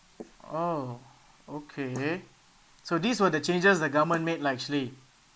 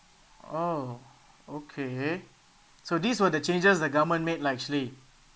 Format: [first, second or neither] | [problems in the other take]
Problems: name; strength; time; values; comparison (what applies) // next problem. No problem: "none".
second | noise reduction (neural mask model Resemble Enhance denoiser)